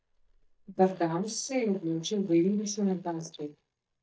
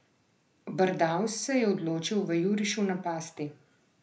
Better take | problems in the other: second | noise reduction (neural mask model DeepFilterNet 3)

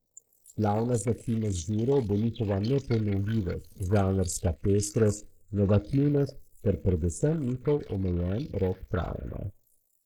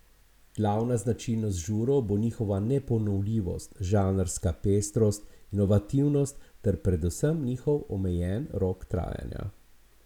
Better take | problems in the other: second | noise reduction (neural mask model Resemble Enhance denoiser)

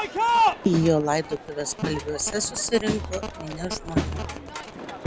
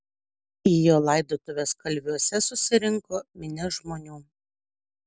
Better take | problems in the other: second | background sound (Crowd); as loud as the speech

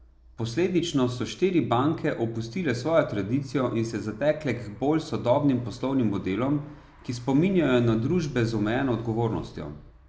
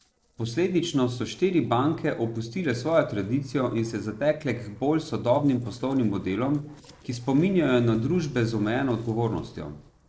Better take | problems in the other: first | noise reduction (neural separator model SepFormer DNS4)

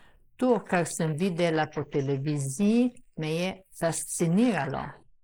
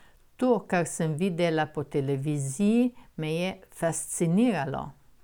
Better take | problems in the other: second | noise reduction (neural mask model Resemble Enhance denoiser)

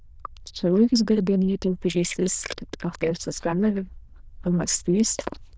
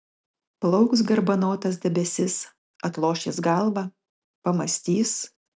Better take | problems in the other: second | noise reduction (neural diffusion model UNIVERSE++)

